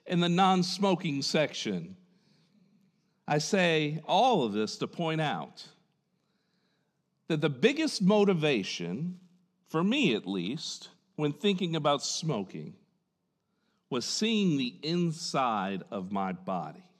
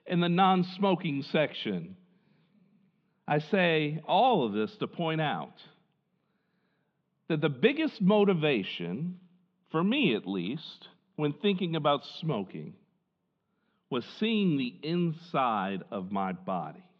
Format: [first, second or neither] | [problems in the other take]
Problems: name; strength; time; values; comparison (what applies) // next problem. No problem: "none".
first | muffled; very; fading above 3.5 kHz